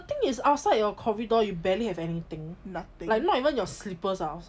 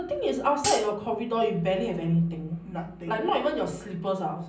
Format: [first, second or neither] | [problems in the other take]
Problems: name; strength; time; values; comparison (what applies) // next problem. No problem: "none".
first | background sound (Hi-hat); 5 dB below the speech // room echo; dies away in 0.6 s